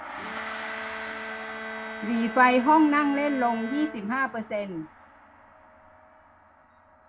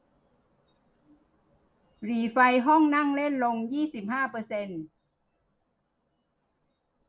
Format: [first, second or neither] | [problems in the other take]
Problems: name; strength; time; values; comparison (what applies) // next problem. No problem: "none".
second | background sound (Gong + Bowed string instrument); 11 dB below the speech